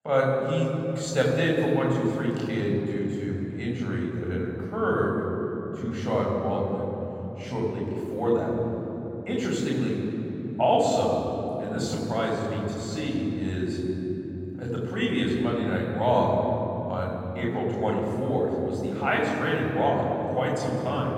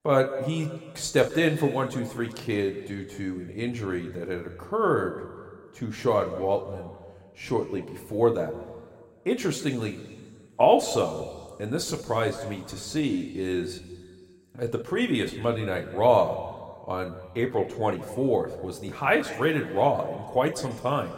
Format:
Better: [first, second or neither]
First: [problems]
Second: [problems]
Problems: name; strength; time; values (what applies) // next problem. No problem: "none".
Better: second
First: room echo; strong; dies away in 3 s // off-mic speech; far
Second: room echo; slight; dies away in 1.8 s